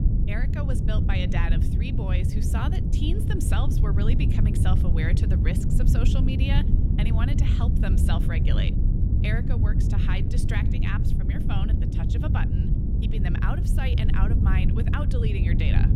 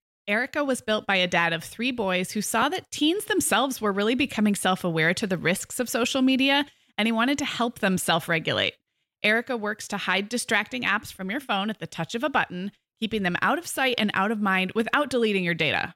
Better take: second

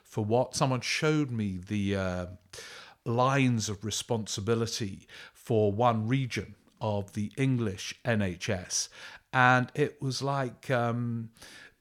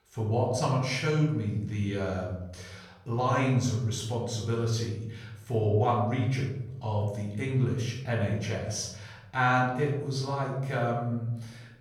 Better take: first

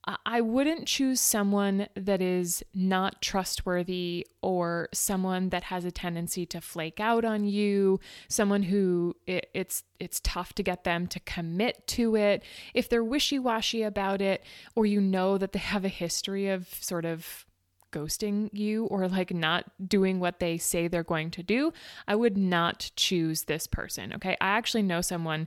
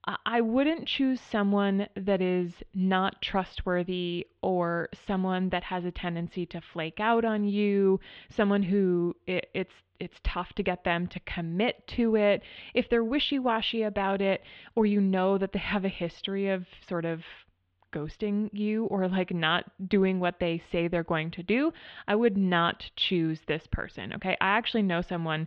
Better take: first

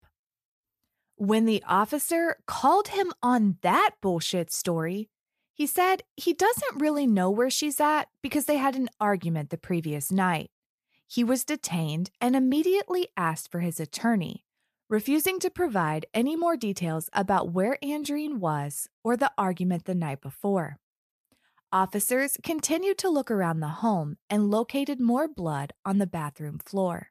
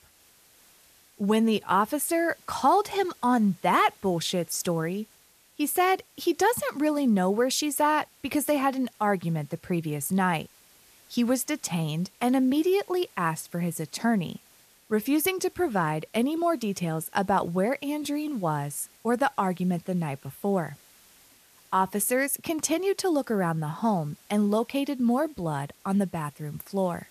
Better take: first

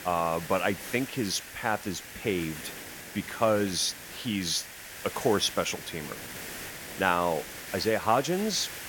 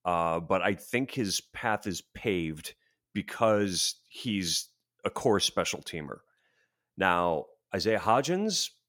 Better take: second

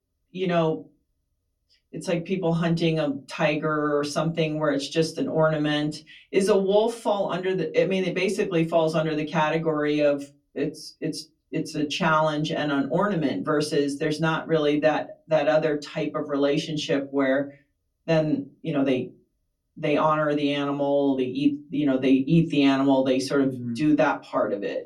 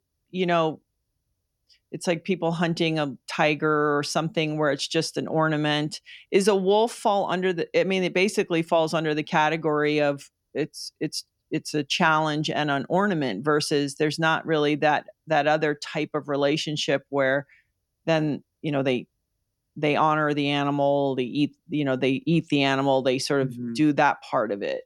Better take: second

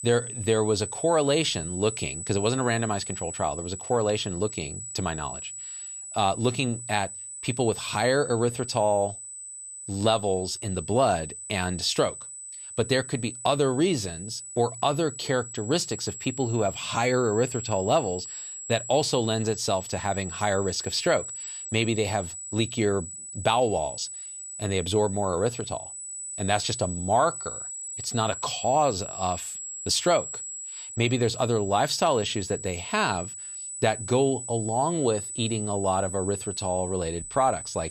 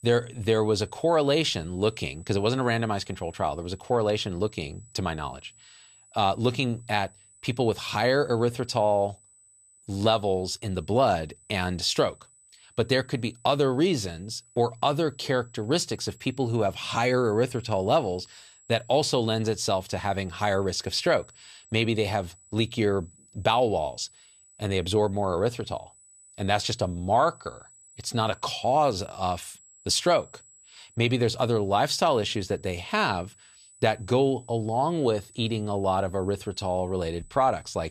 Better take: second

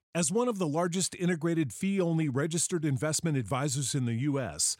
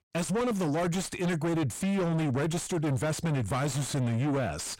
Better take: first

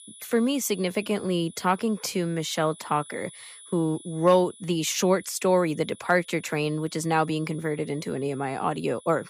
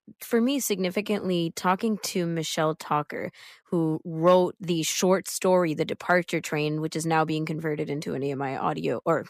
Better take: second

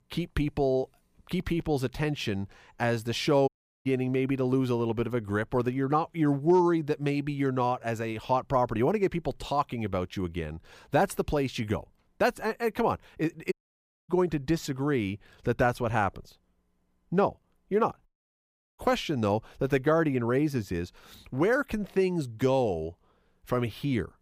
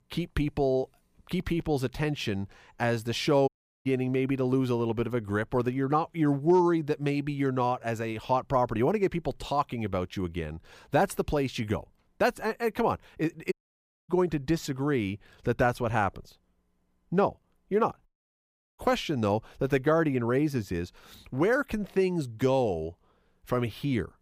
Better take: neither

